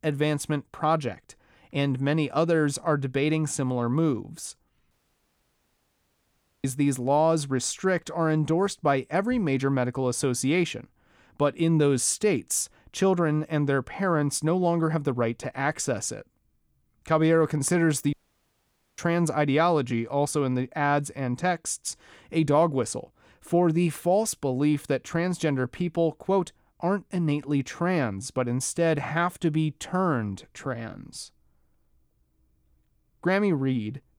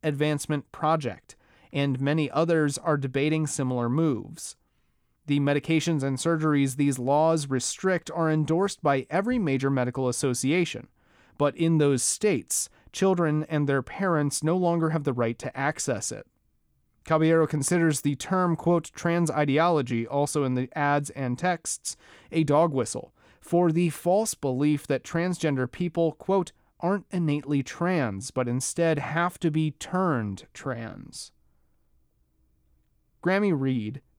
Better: second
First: audio cutting out; at 5 s for 1.5 s and at 18 s for 1 s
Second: none

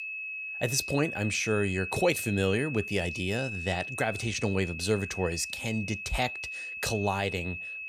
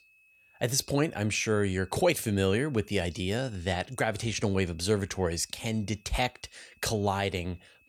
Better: second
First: high-pitched whine; loud; throughout; 2.5 kHz, 6 dB below the speech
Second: high-pitched whine; faint; throughout; 2.5 kHz, 30 dB below the speech

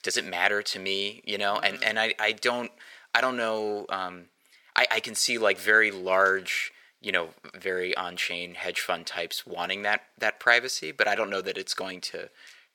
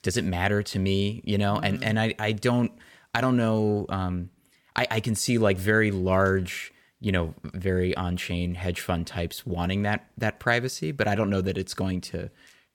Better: second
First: thin; very; fading below 550 Hz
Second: none

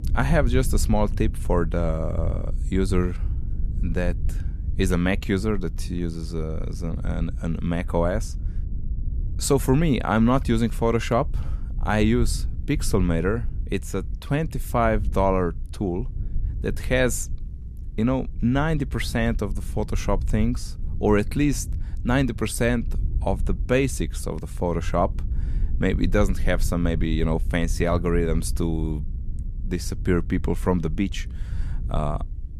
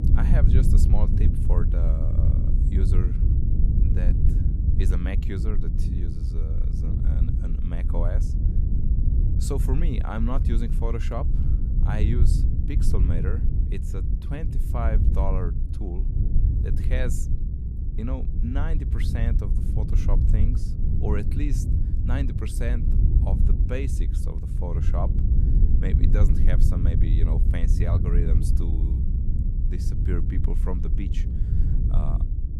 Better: first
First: low rumble; faint; throughout; 20 dB below the speech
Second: low rumble; loud; throughout; 2 dB below the speech

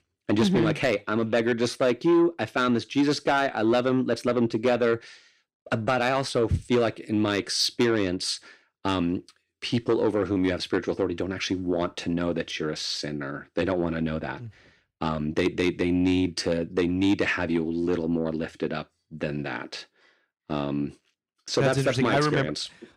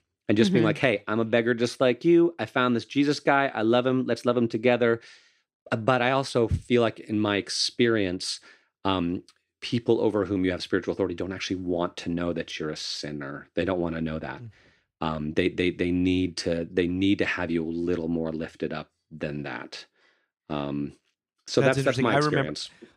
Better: second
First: distortion; slight; 10 dB below the speech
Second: none

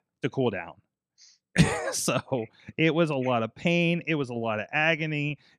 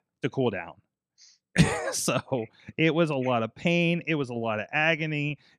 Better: neither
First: none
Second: none

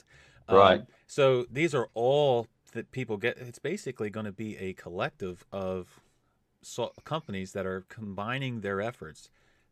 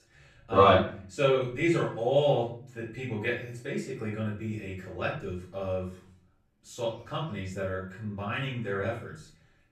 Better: first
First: none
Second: off-mic speech; far // room echo; noticeable; dies away in 0.4 s

